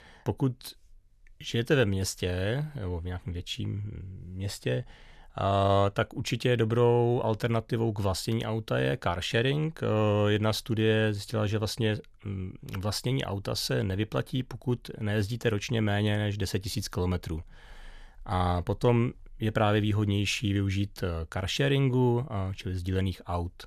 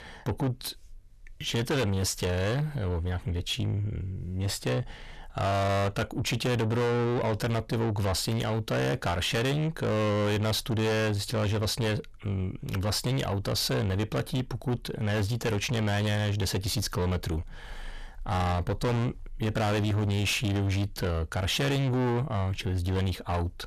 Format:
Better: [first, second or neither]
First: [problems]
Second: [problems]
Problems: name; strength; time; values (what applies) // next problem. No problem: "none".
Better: first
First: none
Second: distortion; heavy; 6 dB below the speech